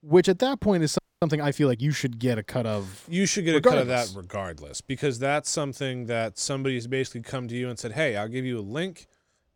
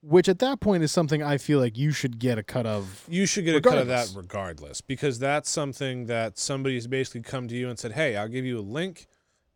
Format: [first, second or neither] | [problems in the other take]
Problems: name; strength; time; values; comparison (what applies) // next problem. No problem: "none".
second | audio freezing; at 1 s